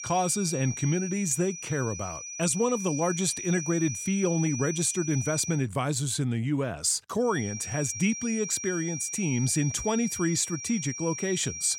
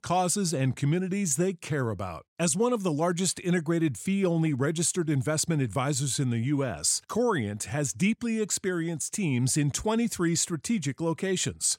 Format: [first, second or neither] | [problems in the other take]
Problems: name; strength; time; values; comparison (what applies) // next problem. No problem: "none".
second | high-pitched whine; loud; until 5.5 s and from 7.5 s on; 5.5 kHz, 7 dB below the speech